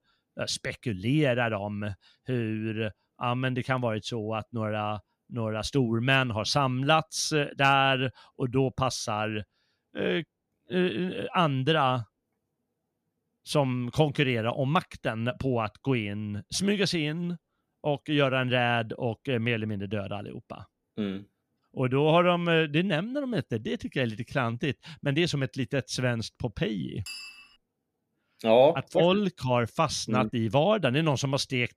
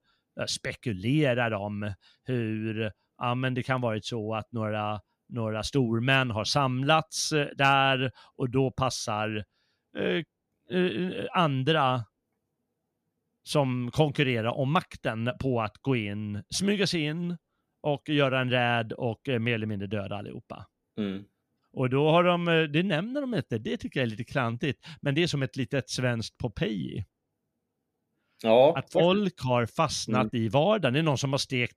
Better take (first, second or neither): second